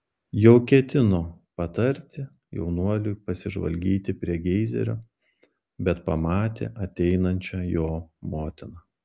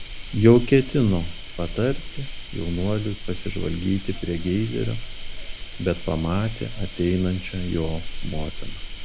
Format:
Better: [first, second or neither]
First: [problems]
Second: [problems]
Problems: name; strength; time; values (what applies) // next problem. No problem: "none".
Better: first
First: none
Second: background sound (Cricket); 6 dB below the speech